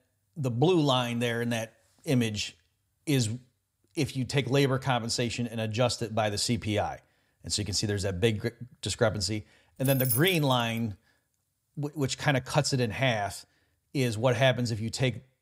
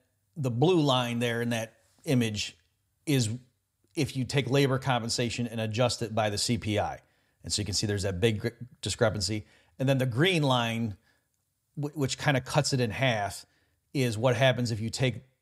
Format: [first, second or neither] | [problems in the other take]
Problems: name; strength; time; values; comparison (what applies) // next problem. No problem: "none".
second | jangling keys; noticeable; at 10 s; peak level with the speech